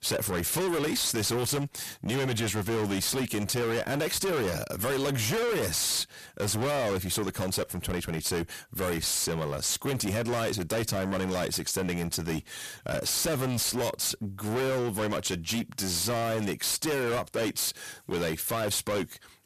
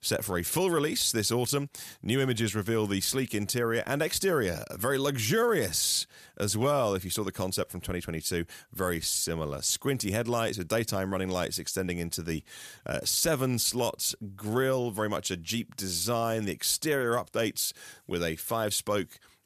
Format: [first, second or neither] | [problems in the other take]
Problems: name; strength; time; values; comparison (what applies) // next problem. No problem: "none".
second | distortion; heavy; 30% of the sound clipped